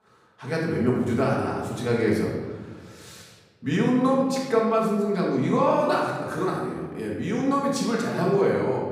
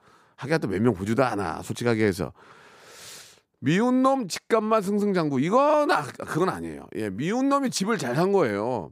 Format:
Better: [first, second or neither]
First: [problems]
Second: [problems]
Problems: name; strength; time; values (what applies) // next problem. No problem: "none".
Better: second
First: room echo; noticeable; dies away in 1.3 s // off-mic speech; far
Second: none